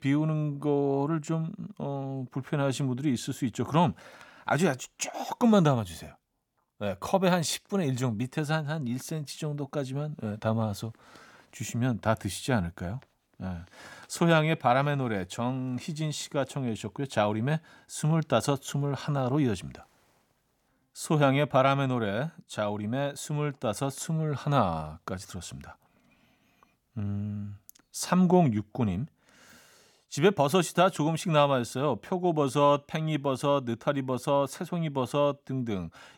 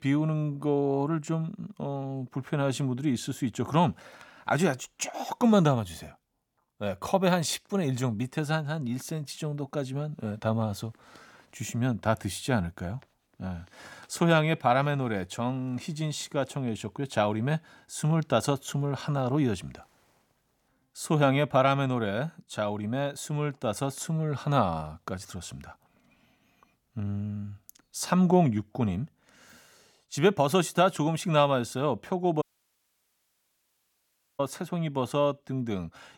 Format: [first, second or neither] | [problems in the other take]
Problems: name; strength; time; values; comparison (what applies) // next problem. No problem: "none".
first | audio cutting out; at 32 s for 2 s